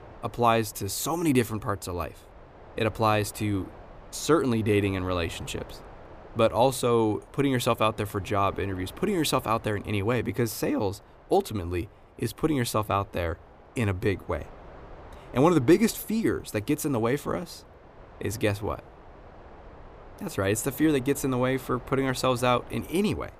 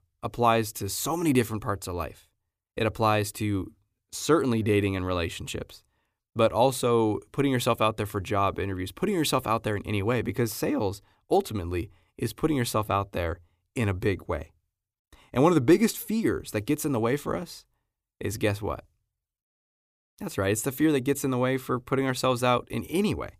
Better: second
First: wind noise on the microphone; occasional gusts; 20 dB below the speech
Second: none

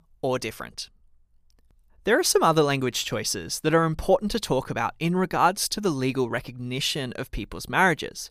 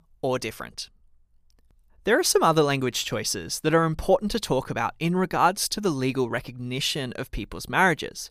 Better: neither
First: none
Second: none

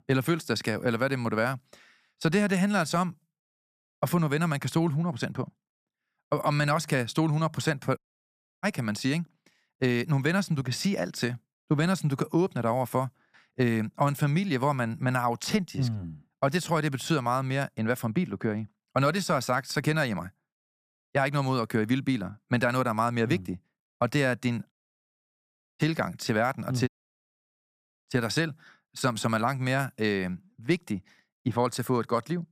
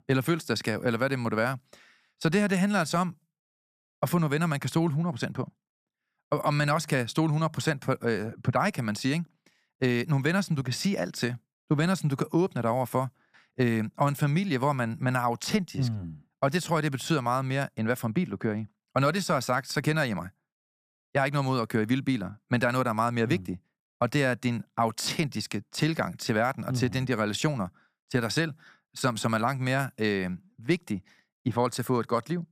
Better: second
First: audio cutting out; at 8 s for 0.5 s, at 25 s for 1 s and at 27 s for 1 s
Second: none

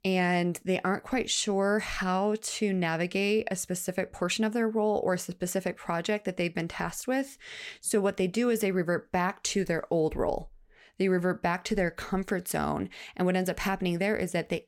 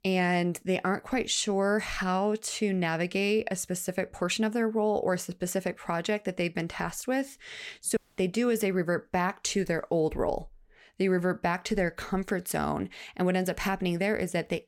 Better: first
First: none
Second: audio cutting out; at 8 s

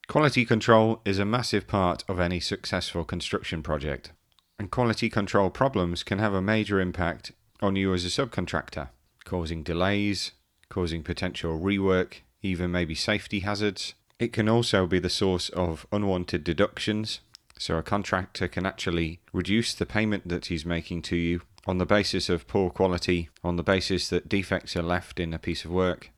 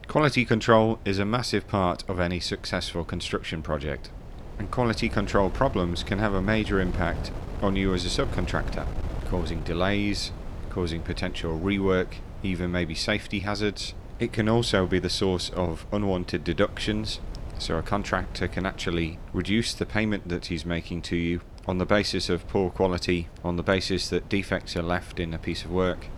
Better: first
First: none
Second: wind noise on the microphone; occasional gusts; 20 dB below the speech

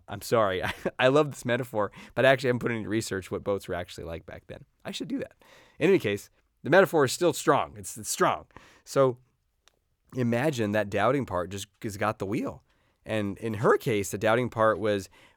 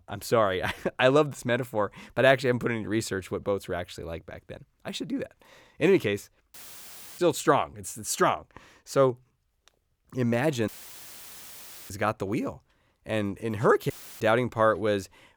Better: first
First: none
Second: audio cutting out; filled with static; at 6.5 s for 0.5 s, at 11 s for 1 s and at 14 s

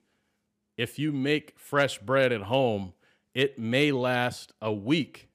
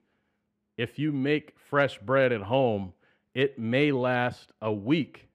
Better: first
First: none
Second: muffled; slightly; fading above 4 kHz

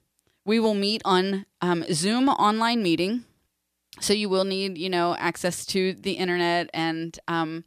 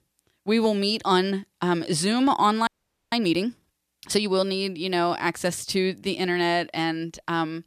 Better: first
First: none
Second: audio freezing; at 2.5 s

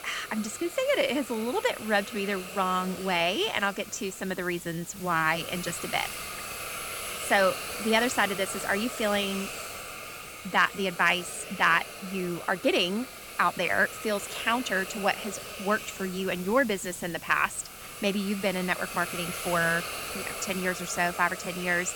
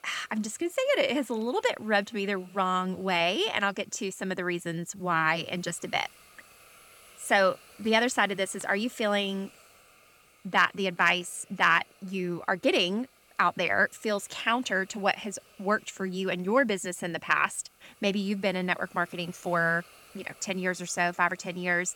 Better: second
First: hiss; loud; throughout; 9 dB below the speech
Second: hiss; faint; throughout; 25 dB below the speech

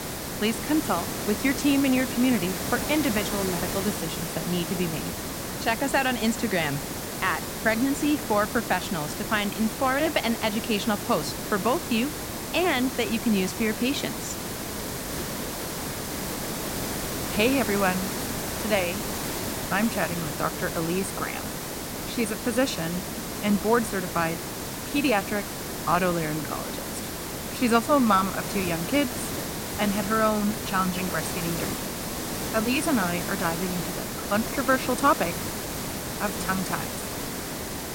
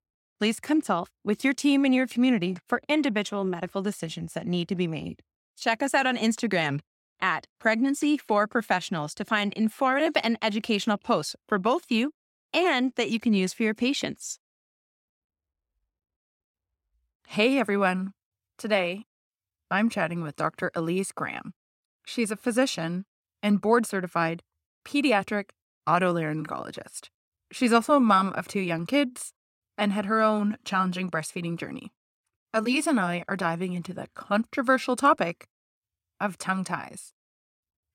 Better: second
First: hiss; loud; throughout; 4 dB below the speech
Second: none

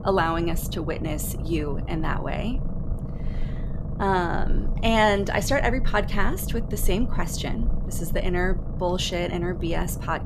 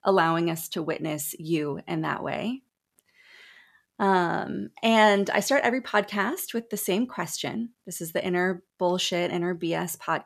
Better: second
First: low rumble; noticeable; throughout; 15 dB below the speech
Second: none

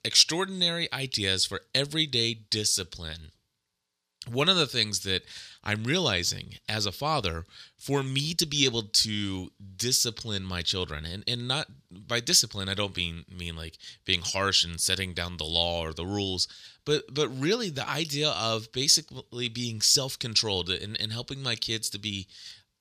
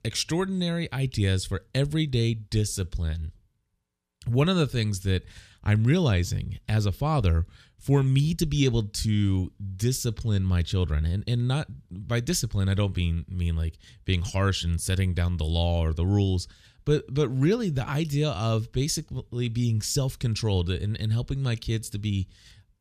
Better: second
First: thin; somewhat; fading below 1 kHz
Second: none

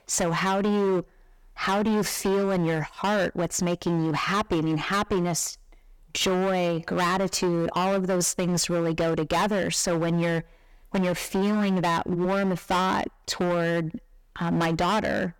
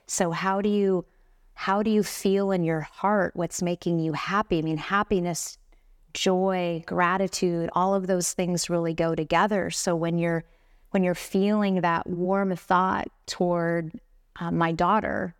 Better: second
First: distortion; heavy; 19% of the sound clipped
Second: none

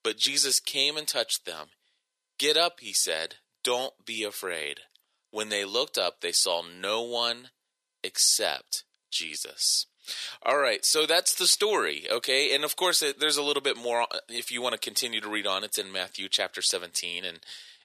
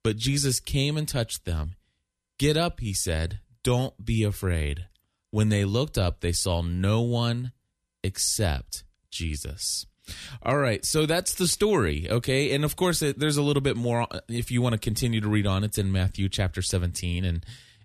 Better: second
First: thin; very; fading below 450 Hz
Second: none

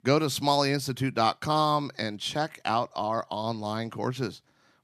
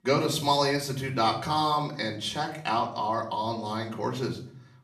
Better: first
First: none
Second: room echo; slight; dies away in 0.5 s // off-mic speech; far

